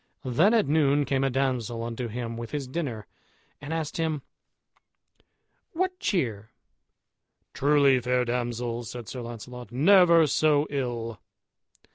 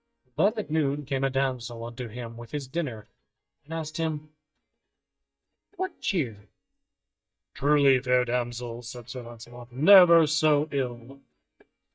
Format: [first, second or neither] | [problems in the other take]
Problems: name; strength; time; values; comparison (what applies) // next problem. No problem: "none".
first | noise reduction (neural mask model DeepFilterNet 3)